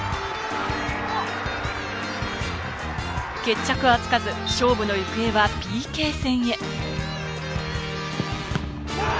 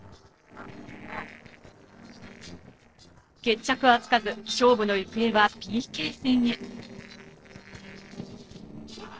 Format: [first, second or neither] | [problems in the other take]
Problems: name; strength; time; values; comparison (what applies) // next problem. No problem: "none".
first | noise reduction (neural separator model SepFormer DNS4)